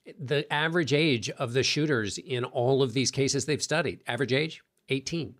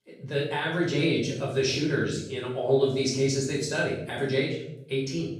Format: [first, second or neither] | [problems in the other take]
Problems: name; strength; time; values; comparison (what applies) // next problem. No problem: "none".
first | room echo; noticeable; dies away in 0.7 s // off-mic speech; far